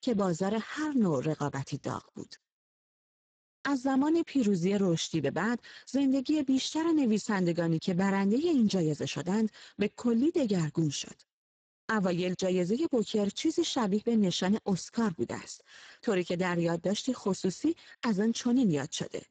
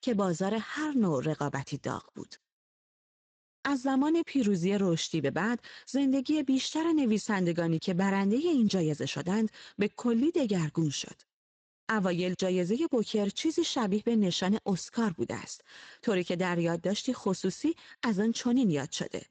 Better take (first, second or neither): second